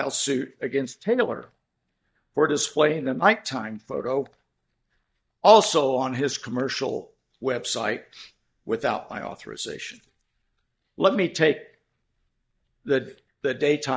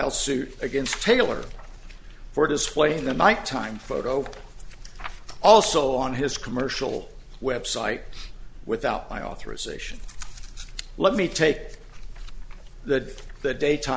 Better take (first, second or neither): second